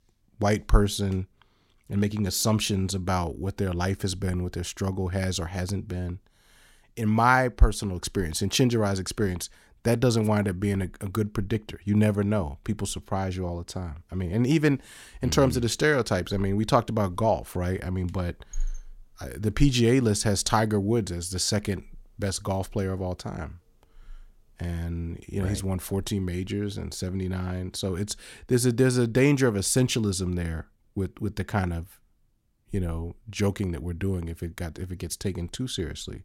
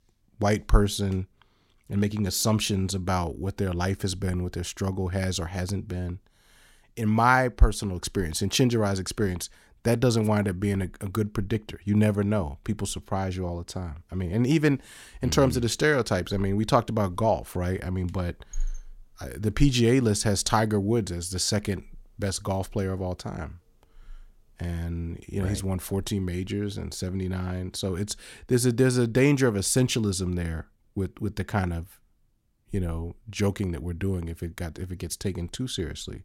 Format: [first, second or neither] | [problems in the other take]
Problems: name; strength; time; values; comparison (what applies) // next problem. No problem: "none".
neither | none